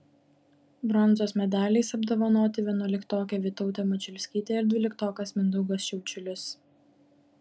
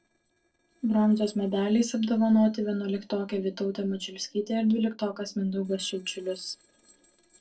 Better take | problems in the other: first | noise reduction (neural separator model SepFormer DNS4)

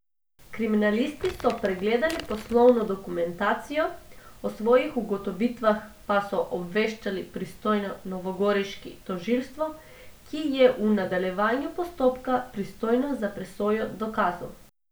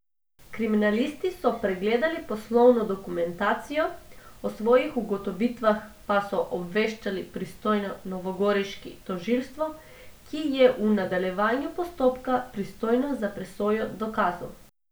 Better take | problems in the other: second | background sound (Crumpling, crinkling); 16 dB below the speech

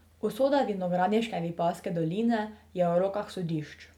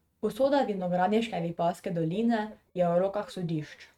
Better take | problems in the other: first | noise reduction (neural mask model RNNoise)

